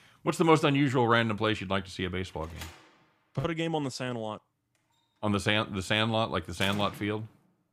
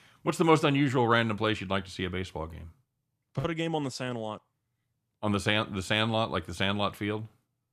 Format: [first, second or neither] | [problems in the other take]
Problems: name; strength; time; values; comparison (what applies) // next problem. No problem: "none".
second | door banging; faint; from 2.5 to 7 s; peak 10 dB below the speech